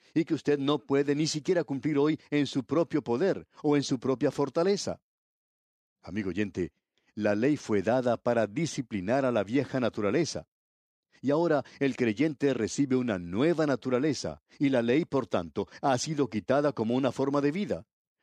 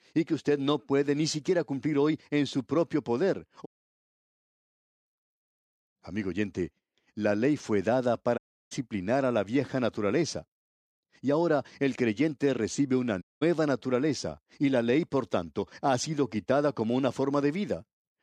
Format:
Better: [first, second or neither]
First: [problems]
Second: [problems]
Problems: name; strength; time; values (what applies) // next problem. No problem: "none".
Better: first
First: none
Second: audio cutting out; at 3.5 s for 1.5 s, at 8.5 s and at 13 s